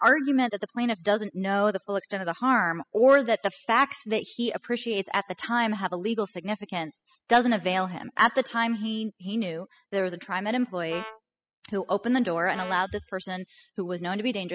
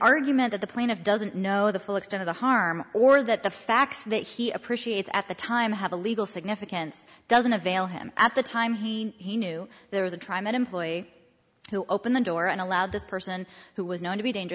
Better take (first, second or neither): second